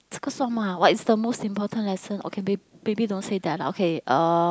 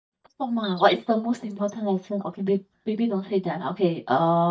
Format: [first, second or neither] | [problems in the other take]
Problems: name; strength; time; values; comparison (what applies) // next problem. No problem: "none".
first | noise reduction (neural mask model DeepFilterNet 3)